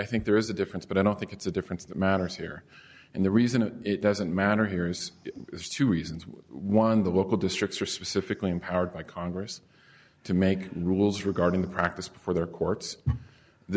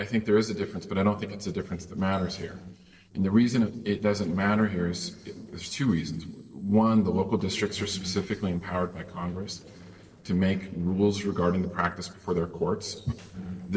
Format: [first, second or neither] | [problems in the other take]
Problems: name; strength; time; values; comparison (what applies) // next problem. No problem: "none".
first | noise reduction (neural separator model SepFormer DNS4)